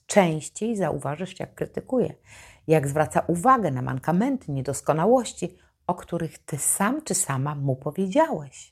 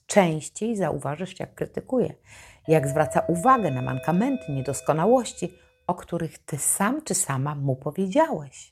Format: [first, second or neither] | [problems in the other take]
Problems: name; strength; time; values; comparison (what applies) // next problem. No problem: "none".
first | doorbell; noticeable; from 2.5 to 5 s; peak 8 dB below the speech